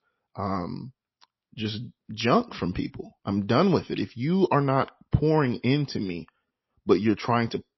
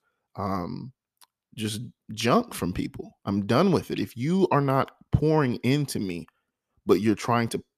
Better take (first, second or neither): second